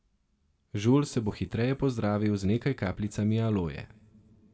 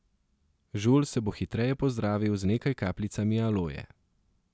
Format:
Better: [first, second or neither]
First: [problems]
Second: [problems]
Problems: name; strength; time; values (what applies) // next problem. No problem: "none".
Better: second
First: room echo; dies away in 0.7 s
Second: none